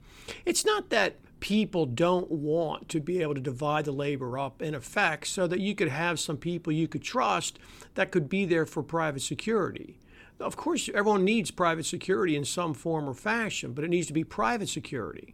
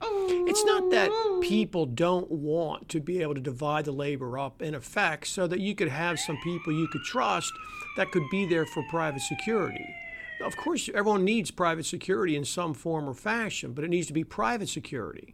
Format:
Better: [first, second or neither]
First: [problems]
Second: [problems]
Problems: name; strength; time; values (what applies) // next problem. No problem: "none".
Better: first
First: none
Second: dog barking; loud; until 1.5 s; peak 3 dB above the speech // siren; noticeable; from 6 to 11 s; peak 8 dB below the speech